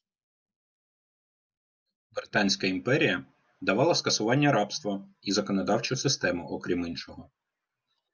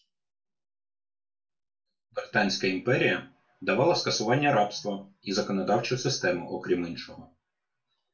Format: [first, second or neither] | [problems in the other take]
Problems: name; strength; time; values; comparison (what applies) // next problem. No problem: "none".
first | room echo; dies away in 0.3 s